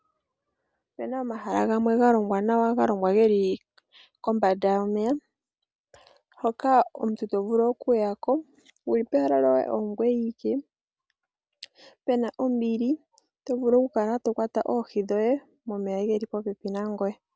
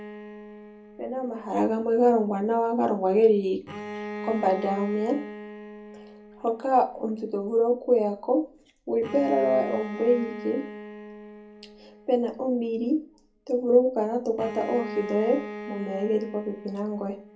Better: first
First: none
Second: background sound (Bowed string instrument); 14 dB below the speech // room echo; dies away in 0.3 s

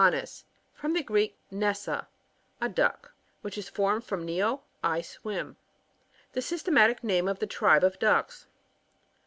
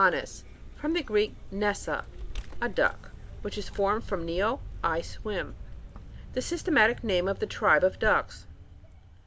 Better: first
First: none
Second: background sound (Vehicle); 10 dB below the speech

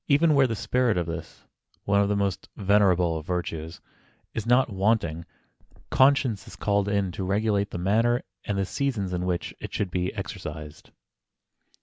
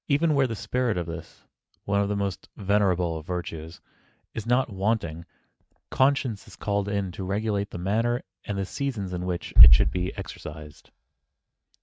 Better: first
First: none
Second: noise reduction (neural mask model RNNoise)

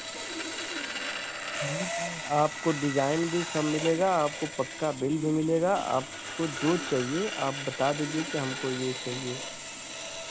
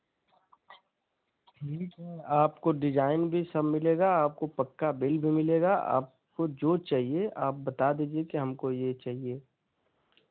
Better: second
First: background sound (Sawing); 6 dB below the speech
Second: none

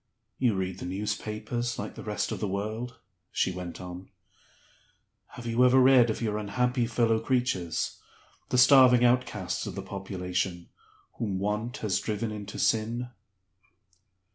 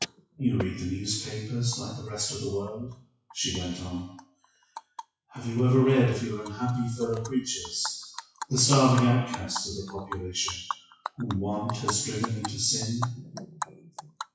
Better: first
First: none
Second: noise reduction (classical method WPE with log-MMSE)

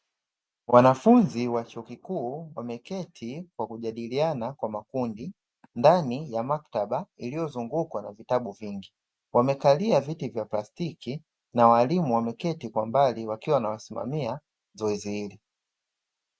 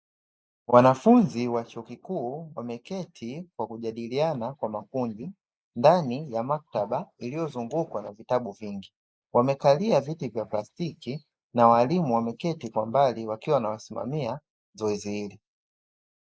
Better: first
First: none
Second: noise reduction (neural mask model Resemble Enhance denoiser)

